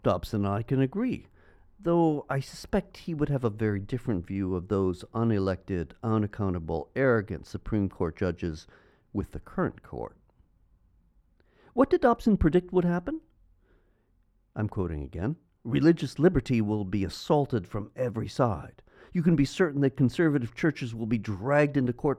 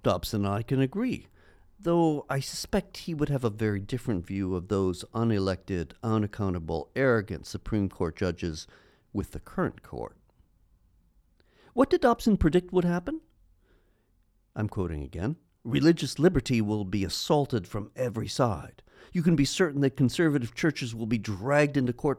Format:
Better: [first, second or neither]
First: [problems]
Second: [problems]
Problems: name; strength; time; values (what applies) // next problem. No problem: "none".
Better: second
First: muffled; slightly; fading above 3 kHz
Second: none